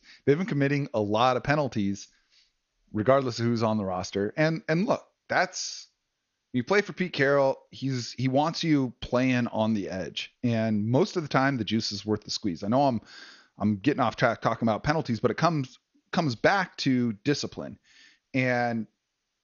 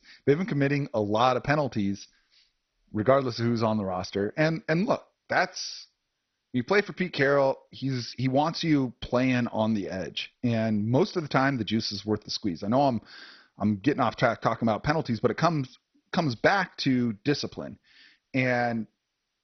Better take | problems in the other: first | garbled, watery; badly; nothing above 6 kHz; slightly in the first

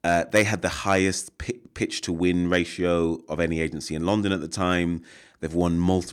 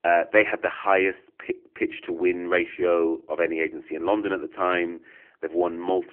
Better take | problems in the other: first | phone-call audio; poor line

